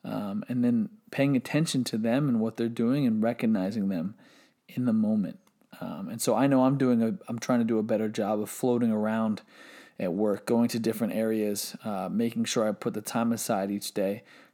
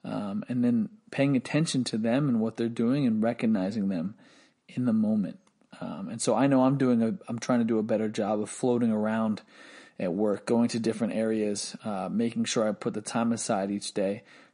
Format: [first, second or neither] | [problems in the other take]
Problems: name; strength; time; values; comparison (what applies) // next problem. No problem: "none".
first | garbled, watery; slightly; nothing above 10 kHz